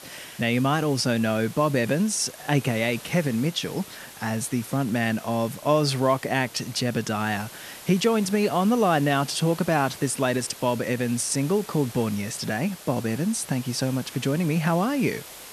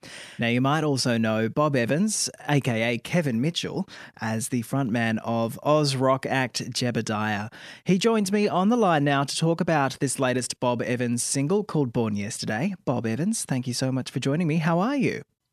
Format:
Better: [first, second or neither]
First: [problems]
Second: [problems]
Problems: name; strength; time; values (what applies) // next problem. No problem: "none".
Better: second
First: hiss; noticeable; throughout; 15 dB below the speech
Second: none